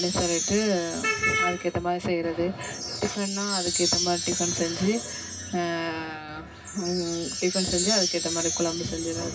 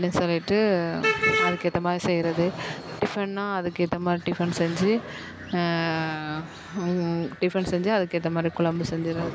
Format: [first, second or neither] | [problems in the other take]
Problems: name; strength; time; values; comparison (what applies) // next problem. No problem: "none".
second | background sound (Wind chime); 4 dB below the speech // room echo; dies away in 0.4 s